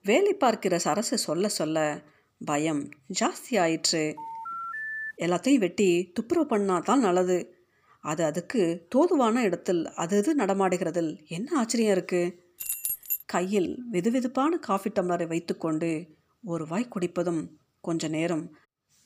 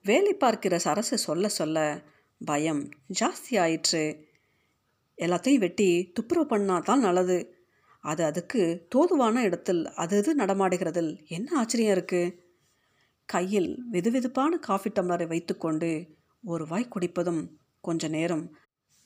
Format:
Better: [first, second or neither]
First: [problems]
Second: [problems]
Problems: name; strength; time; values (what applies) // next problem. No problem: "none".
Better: second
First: phone ringing; noticeable; at 4 s; peak 6 dB below the speech // jangling keys; noticeable; at 13 s; peak 2 dB below the speech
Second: none